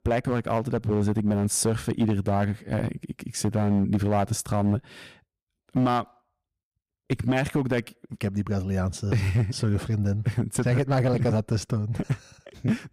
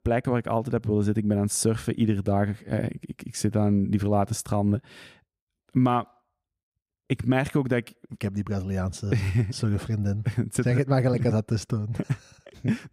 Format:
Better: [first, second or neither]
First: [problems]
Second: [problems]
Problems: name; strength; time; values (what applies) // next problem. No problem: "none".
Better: second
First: distortion; slight; 7% of the sound clipped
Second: none